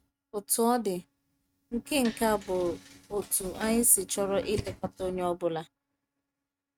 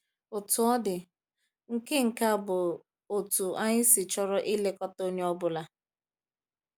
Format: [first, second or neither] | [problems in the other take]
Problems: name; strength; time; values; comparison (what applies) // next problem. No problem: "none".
second | noise reduction (neural mask model RNNoise)